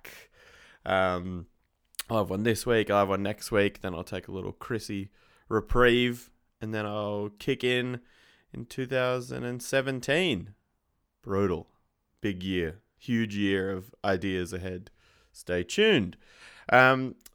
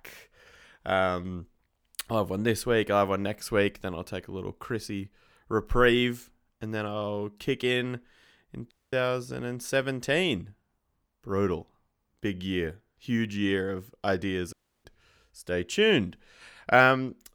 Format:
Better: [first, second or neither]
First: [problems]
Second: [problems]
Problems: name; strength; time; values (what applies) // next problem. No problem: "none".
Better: first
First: none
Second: audio cutting out; at 8.5 s and at 15 s